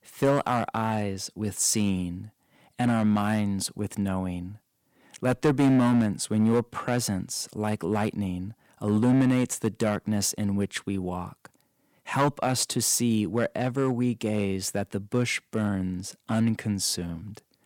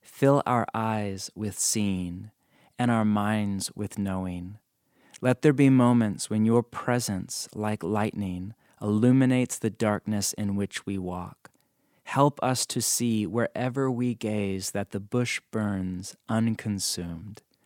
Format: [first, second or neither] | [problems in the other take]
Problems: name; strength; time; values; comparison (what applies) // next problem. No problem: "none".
second | distortion; slight; 3% of the sound clipped